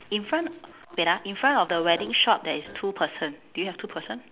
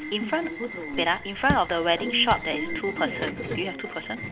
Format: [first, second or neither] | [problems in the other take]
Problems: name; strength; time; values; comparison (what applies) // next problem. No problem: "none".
first | background sound (Raindrop / Drip + Subway, metro, underground / Alarm); 5 dB below the speech